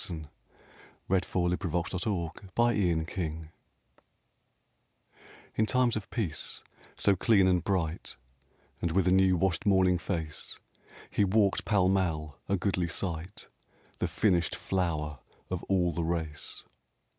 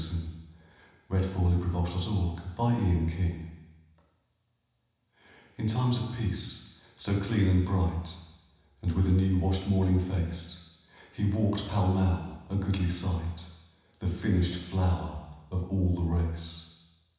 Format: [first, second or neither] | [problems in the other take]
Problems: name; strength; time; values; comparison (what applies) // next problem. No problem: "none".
first | room echo; dies away in 1.1 s